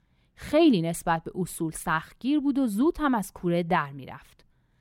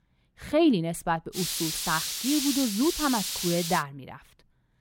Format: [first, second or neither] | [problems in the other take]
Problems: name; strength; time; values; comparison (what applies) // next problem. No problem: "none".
first | hiss; loud; from 1.5 to 4 s; 2 dB below the speech